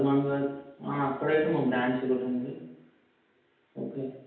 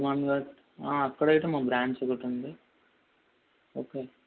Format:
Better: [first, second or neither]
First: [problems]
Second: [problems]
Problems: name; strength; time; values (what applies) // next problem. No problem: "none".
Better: second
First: room echo; dies away in 0.8 s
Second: none